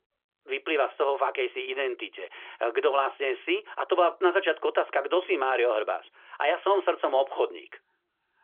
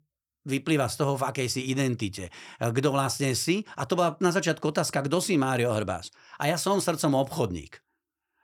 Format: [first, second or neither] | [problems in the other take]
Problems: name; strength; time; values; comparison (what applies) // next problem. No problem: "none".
second | phone-call audio; nothing above 3.5 kHz